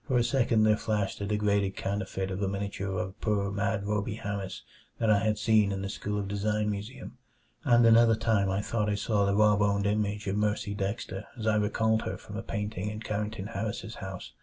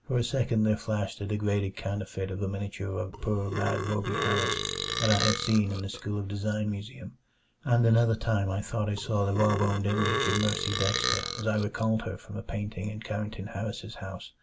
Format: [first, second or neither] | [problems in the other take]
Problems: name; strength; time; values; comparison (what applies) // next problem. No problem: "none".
first | background sound (Burping, eructation); 4 dB below the speech